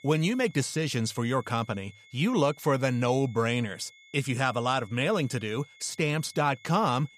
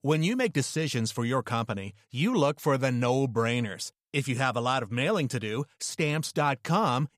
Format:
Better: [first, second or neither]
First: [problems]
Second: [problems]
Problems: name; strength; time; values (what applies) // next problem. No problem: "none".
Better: second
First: high-pitched whine; faint; throughout; 2 kHz, 25 dB below the speech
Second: none